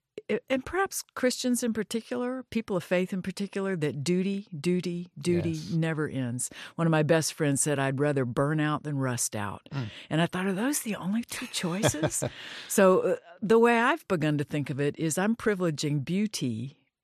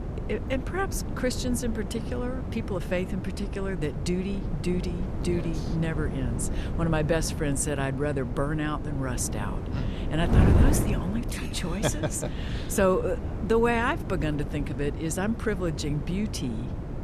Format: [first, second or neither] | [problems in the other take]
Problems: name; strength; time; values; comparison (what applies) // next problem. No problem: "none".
first | wind noise on the microphone; heavy; 8 dB below the speech